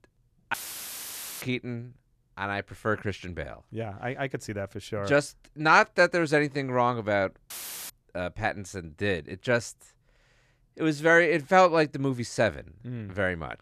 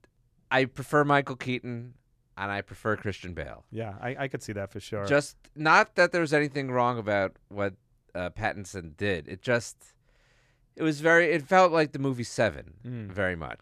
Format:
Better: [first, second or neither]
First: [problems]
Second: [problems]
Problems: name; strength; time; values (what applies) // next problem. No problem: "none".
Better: second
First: audio cutting out; filled with static; at 0.5 s for 1 s and at 7.5 s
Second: none